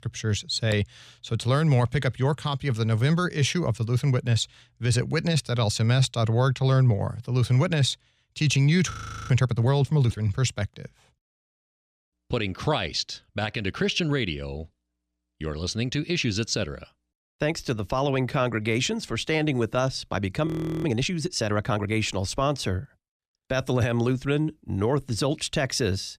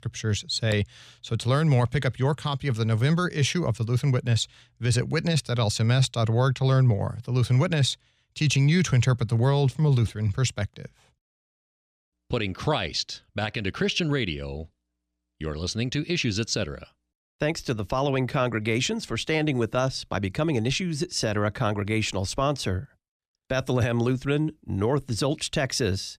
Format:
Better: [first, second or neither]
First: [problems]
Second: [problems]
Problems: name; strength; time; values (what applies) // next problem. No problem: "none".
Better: second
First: audio freezing; at 9 s and at 20 s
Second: none